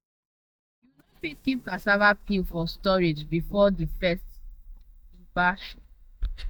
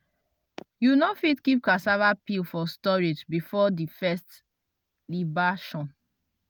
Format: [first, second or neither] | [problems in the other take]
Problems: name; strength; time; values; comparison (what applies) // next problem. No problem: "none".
second | noise reduction (neural mask model DeepFilterNet 3)